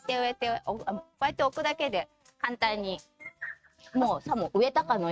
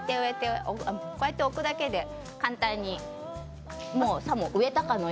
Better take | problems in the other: second | noise reduction (neural mask model RNNoise)

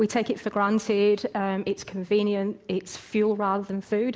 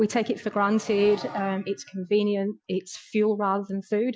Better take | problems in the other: first | noise reduction (classical method Wiener filter)

